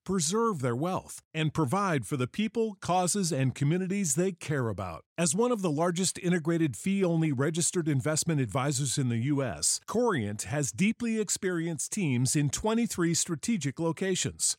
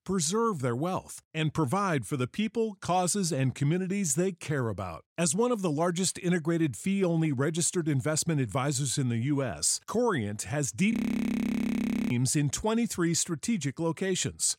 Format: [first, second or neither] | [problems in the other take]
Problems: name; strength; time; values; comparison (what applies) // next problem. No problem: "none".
first | audio freezing; at 11 s for 1 s